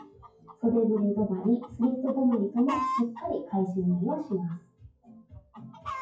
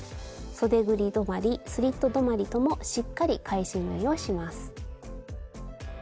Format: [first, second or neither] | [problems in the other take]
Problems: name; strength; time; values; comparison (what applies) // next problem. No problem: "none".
second | noise reduction (classical method WPE with log-MMSE)